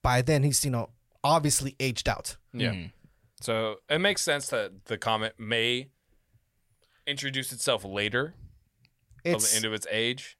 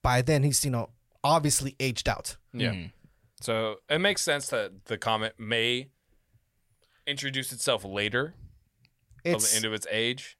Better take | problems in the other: neither | none

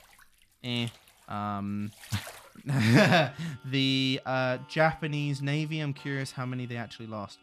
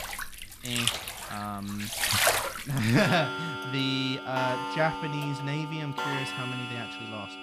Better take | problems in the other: first | household noises; loud; throughout; 1 dB below the speech; faint in the first

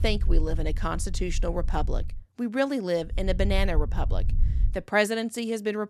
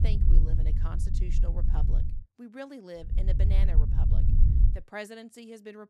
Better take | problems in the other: first | low rumble; loud; until 2 s and from 3 to 4.5 s; 2 dB below the speech; faint in the first

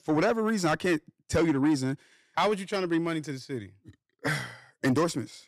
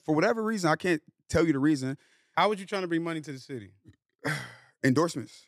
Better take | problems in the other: second | distortion; slight; 10 dB below the speech

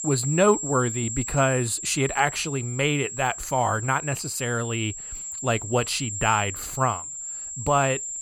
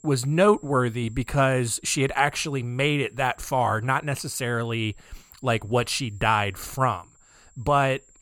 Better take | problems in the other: second | high-pitched whine; loud; throughout; 7.5 kHz, 7 dB below the speech; faint in the second

